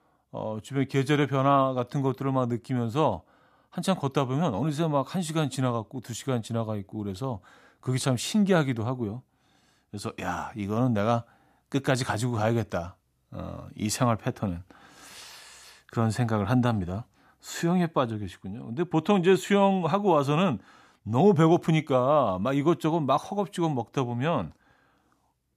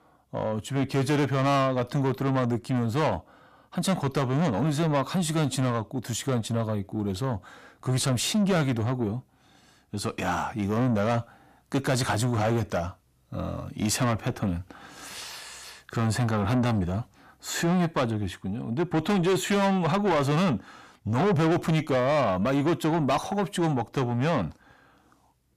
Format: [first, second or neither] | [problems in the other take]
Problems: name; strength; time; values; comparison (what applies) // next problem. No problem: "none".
first | distortion; heavy; 7 dB below the speech